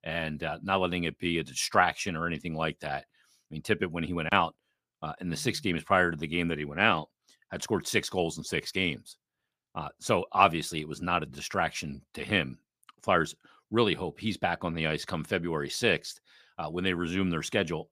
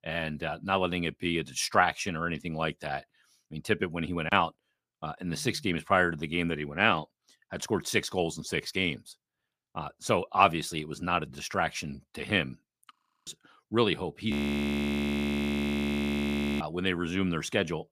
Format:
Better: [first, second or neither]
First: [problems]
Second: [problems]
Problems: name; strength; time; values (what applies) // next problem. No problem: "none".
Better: first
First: none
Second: audio freezing; at 13 s and at 14 s for 2.5 s